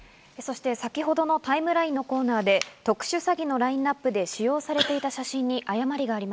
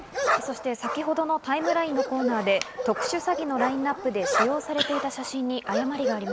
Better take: first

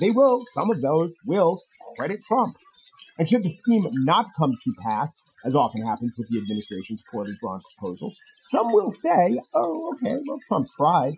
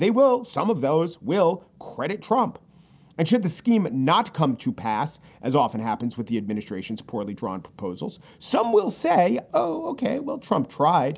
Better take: second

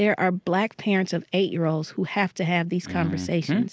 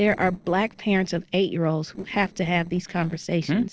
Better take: first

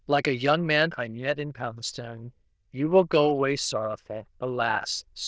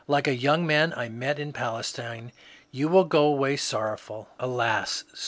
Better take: second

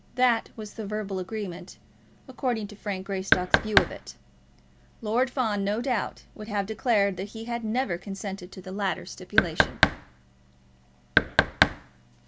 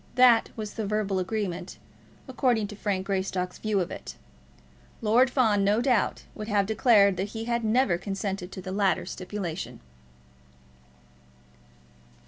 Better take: second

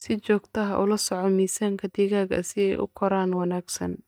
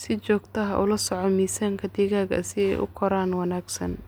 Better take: second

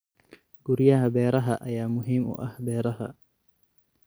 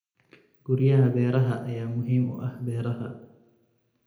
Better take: first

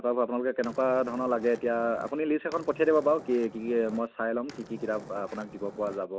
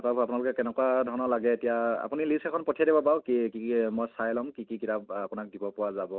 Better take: second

